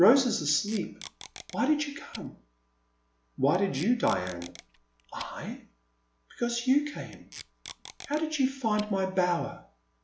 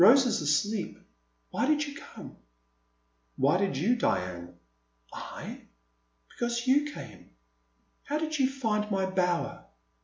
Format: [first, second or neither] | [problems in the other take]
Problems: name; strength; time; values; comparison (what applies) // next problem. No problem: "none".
second | background sound (Packing tape, duct tape); 18 dB below the speech